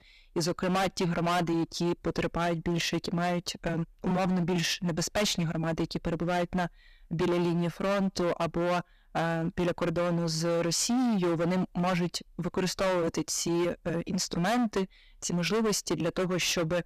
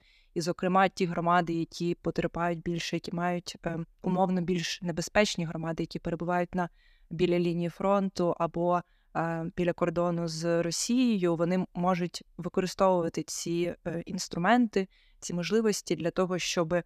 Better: second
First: distortion; heavy; 21% of the sound clipped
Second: none

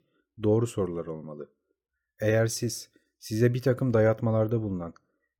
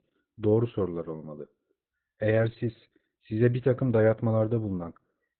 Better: first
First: none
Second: garbled, watery; badly; nothing above 4 kHz

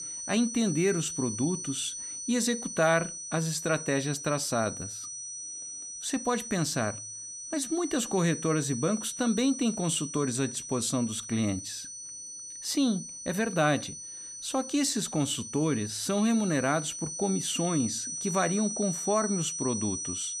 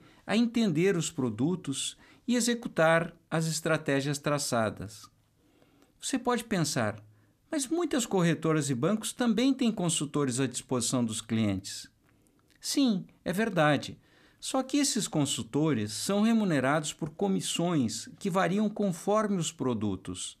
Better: second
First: high-pitched whine; loud; throughout; 6 kHz, 7 dB below the speech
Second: none

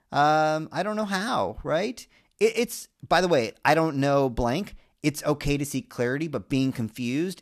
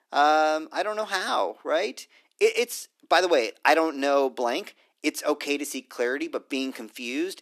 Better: first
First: none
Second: thin; somewhat; fading below 300 Hz

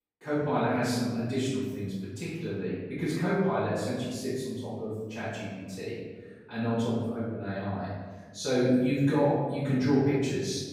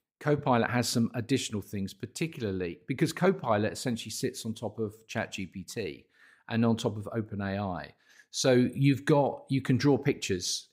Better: second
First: room echo; strong; dies away in 1.4 s // off-mic speech; far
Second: none

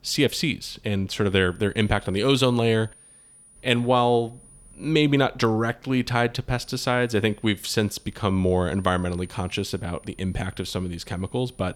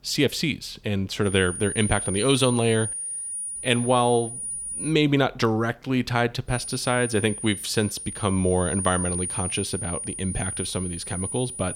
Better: first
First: high-pitched whine; faint; from 1.5 to 5 s and from 6.5 s on; 9.5 kHz, 25 dB below the speech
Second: high-pitched whine; loud; from 1.5 to 5 s and from 6.5 s on; 9.5 kHz, 6 dB below the speech

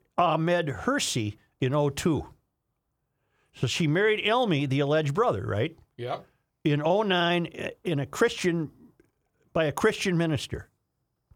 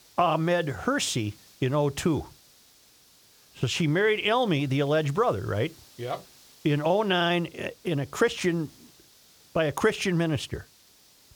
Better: first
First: none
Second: hiss; faint; throughout; 25 dB below the speech

